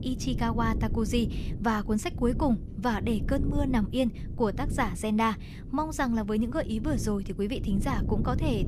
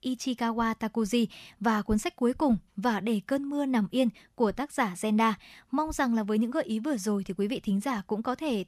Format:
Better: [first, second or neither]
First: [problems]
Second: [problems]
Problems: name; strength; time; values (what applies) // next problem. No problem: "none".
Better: second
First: wind noise on the microphone; occasional gusts; 15 dB below the speech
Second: none